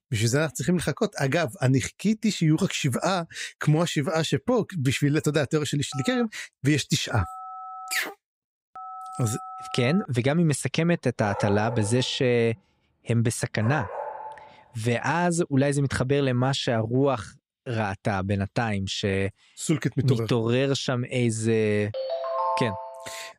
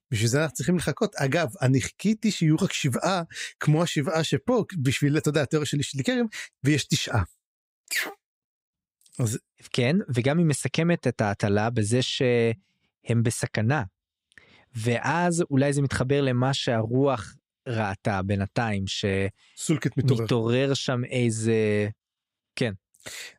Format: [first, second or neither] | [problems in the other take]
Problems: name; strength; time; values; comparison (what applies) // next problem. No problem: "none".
second | phone ringing; faint; from 6 to 10 s; peak 15 dB below the speech // dog barking; noticeable; from 11 to 14 s; peak 7 dB below the speech // phone ringing; noticeable; from 22 s on; peak 1 dB below the speech